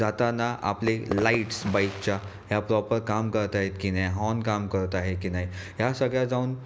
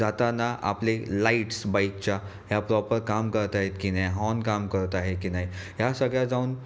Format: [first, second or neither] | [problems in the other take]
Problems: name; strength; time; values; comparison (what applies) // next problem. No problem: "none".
second | background sound (Fireworks); 12 dB below the speech